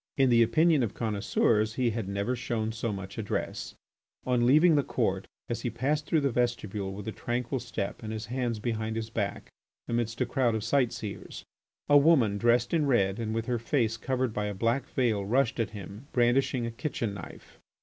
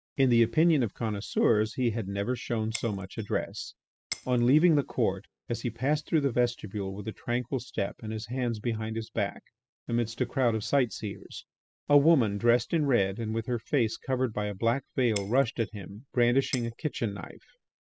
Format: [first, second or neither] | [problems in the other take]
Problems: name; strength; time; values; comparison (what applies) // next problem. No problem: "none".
first | noise reduction (classical method spectral subtraction)